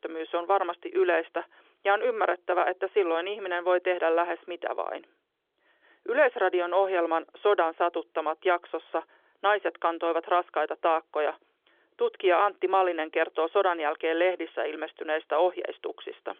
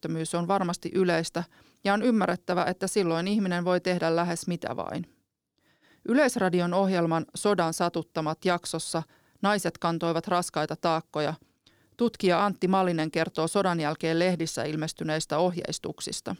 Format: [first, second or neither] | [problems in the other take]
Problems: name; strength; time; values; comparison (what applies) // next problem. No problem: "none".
second | phone-call audio; nothing above 3.5 kHz